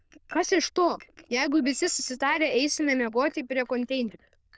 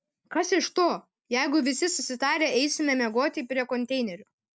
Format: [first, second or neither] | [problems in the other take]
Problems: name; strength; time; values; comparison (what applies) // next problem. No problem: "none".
second | noise reduction (neural diffusion model UNIVERSE++)